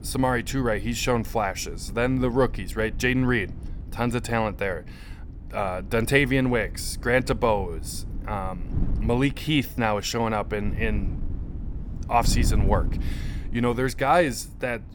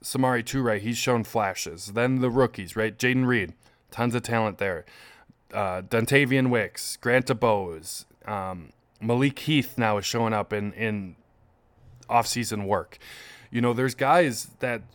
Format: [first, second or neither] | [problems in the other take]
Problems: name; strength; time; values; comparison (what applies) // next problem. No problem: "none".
second | wind noise on the microphone; occasional gusts; 20 dB below the speech